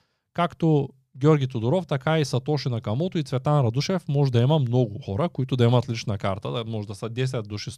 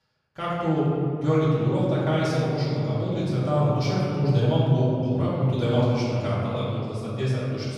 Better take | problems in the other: first | room echo; strong; dies away in 2.5 s // off-mic speech; far

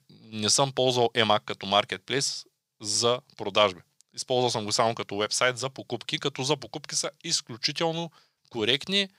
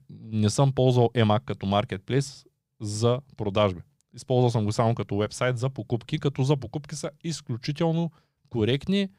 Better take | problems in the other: second | thin; somewhat; fading below 1 kHz

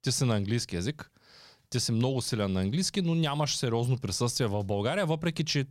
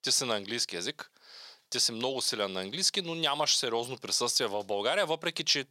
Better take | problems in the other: first | thin; very; fading below 450 Hz

